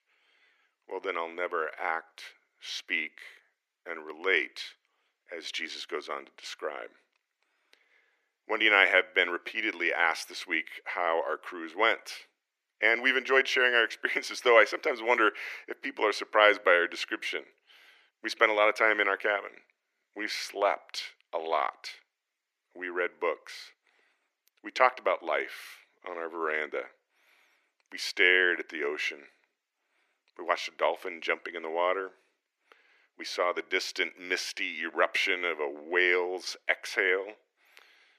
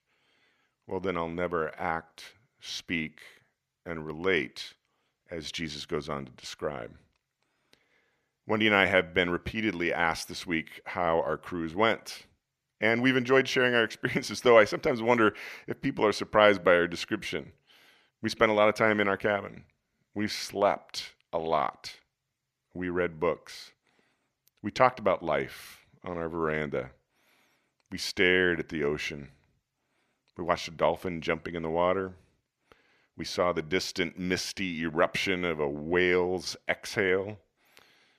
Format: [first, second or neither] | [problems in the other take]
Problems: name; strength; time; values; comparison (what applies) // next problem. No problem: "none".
second | thin; very; fading below 350 Hz